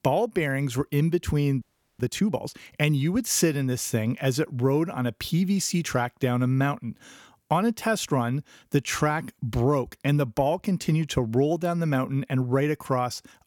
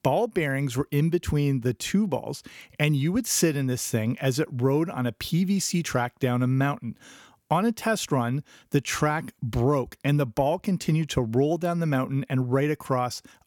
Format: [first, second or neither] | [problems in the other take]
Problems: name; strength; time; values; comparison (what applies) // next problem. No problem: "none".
second | audio freezing; at 1.5 s